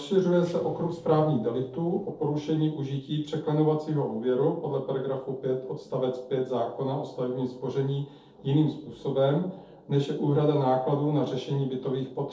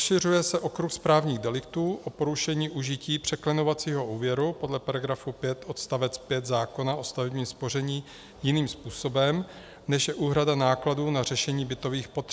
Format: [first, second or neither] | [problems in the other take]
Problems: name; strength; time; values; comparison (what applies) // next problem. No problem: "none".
second | noise reduction (neural separator model SepFormer DNS4)